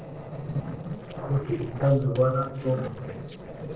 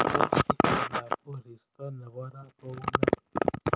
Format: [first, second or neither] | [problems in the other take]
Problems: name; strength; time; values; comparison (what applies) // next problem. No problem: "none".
second | noise reduction (neural separator model SepFormer DNS4)